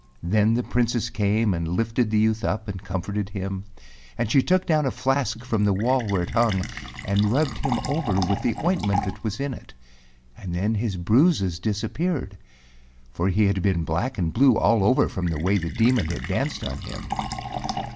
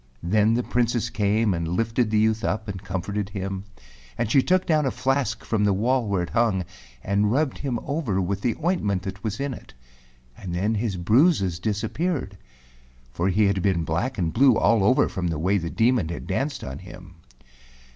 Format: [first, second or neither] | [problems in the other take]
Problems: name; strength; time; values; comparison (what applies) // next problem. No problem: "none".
second | background sound (Fill (with liquid)); 13 dB below the speech